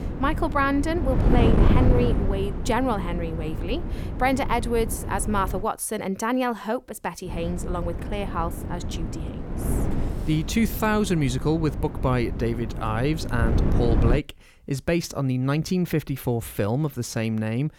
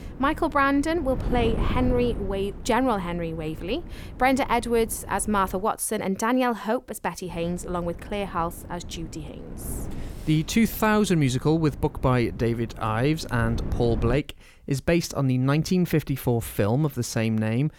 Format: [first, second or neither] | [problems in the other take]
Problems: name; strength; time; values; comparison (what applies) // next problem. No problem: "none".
second | wind noise on the microphone; heavy; until 5.5 s and from 7.5 to 14 s; 8 dB below the speech; occasional gusts in the second